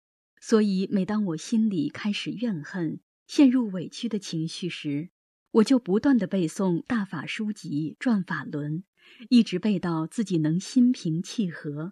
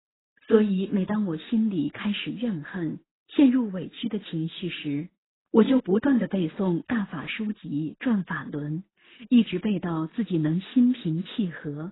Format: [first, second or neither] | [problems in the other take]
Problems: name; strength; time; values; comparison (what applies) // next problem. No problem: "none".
first | garbled, watery; badly; nothing above 4 kHz